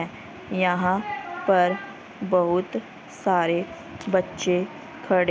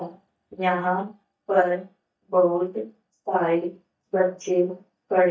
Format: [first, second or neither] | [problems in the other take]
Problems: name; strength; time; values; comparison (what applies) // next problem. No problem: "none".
first | noise reduction (neural mask model DeepFilterNet 3)